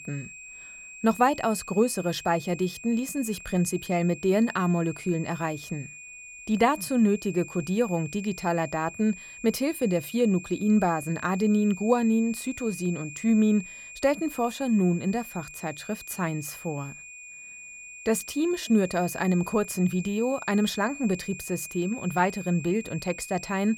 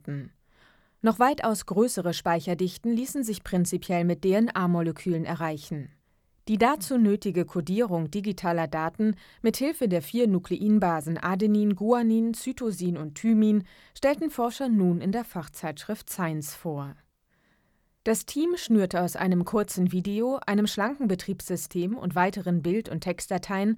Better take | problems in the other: second | high-pitched whine; noticeable; throughout; 2.5 kHz, 15 dB below the speech

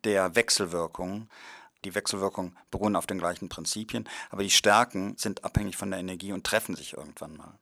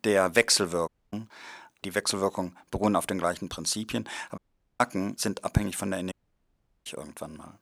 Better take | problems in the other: first | audio cutting out; at 1 s, at 4.5 s and at 6 s for 0.5 s

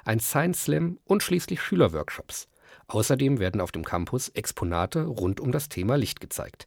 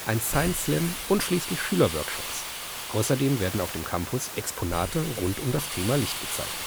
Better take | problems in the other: first | hiss; loud; throughout; 5 dB below the speech

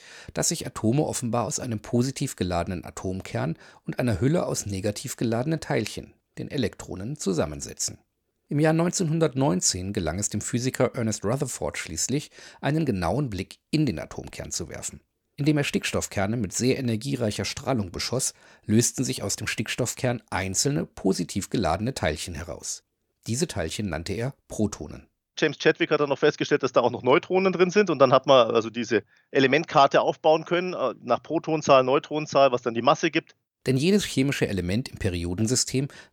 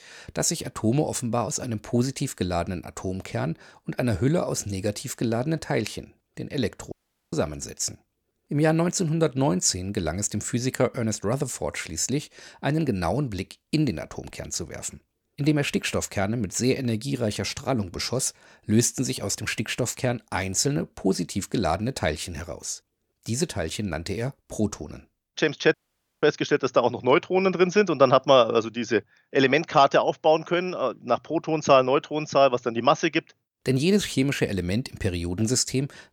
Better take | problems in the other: first | audio cutting out; at 7 s and at 26 s

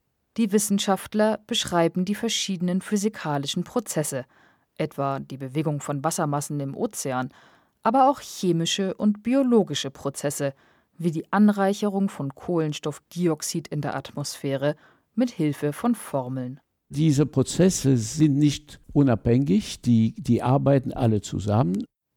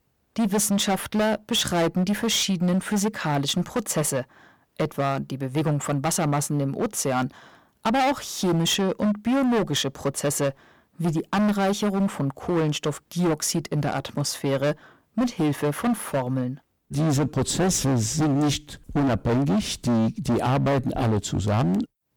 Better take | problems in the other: first | distortion; heavy; 19% of the sound clipped

